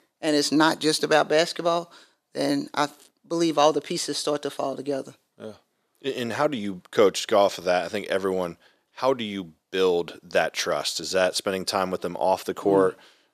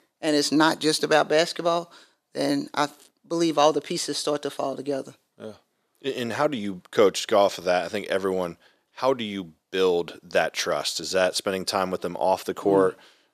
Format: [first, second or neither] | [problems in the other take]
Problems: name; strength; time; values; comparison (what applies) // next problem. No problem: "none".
neither | thin; somewhat; fading below 400 Hz; the same in both